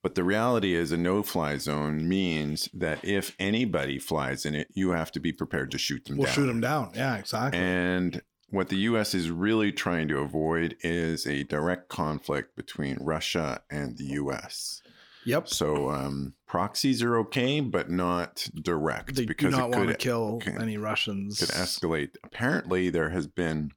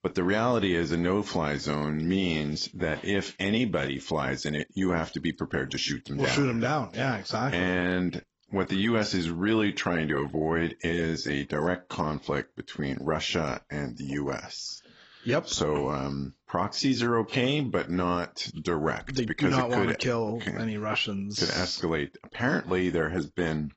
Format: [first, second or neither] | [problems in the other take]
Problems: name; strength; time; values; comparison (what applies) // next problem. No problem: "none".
first | garbled, watery; badly; nothing above 7.5 kHz